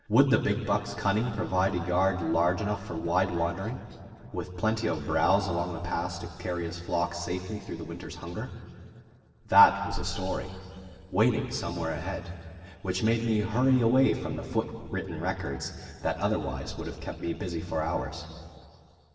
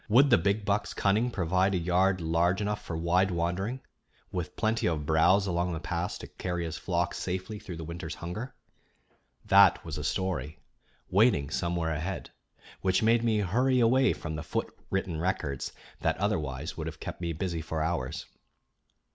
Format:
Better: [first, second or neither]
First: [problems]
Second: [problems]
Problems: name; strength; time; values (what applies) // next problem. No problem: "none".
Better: second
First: noise reduction (neural separator model SepFormer DNS4)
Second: none